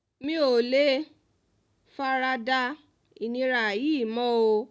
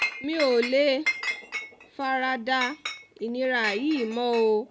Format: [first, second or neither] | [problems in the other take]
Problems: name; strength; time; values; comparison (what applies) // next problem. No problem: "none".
first | background sound (Chink, clink); 8 dB below the speech